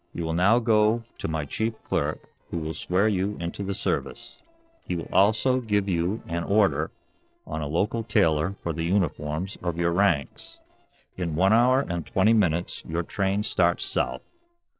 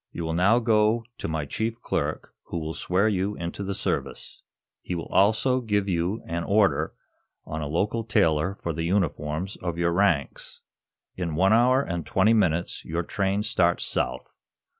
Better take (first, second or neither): second